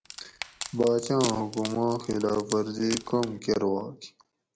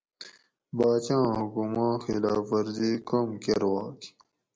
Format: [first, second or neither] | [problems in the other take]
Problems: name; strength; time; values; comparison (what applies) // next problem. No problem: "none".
second | background sound (Wood); 12 dB below the speech